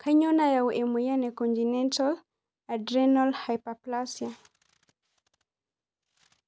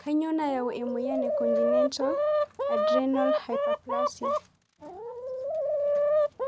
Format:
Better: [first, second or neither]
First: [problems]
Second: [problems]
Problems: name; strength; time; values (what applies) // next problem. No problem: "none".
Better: first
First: none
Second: background sound (Chicken, rooster); 5 dB above the speech